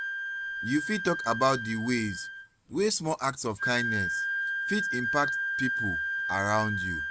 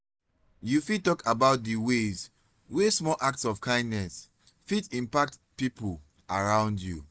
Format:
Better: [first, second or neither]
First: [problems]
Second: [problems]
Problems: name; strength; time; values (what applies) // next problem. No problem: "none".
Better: second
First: background sound (Wind instrument, woodwind instrument); 2 dB below the speech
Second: none